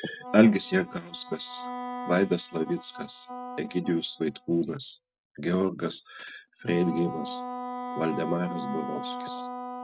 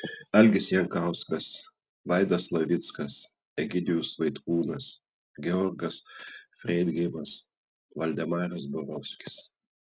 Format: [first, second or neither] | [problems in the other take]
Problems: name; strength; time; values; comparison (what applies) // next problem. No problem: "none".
second | noise reduction (neural mask model RNNoise)